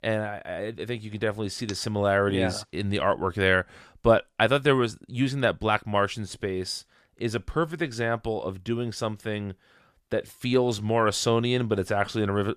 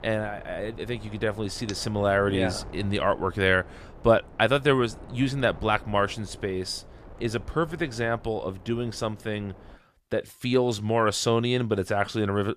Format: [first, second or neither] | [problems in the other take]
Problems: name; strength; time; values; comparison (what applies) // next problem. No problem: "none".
first | wind noise on the microphone; occasional gusts; until 10 s; 20 dB below the speech